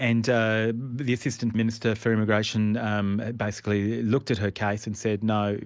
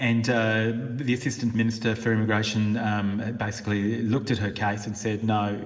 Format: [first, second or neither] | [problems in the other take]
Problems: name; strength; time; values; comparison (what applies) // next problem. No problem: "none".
first | room echo; dies away in 2.7 s